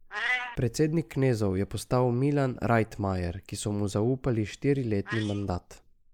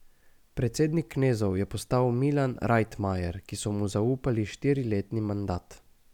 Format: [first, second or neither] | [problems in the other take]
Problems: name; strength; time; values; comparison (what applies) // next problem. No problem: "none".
second | noise reduction (neural mask model Resemble Enhance denoiser)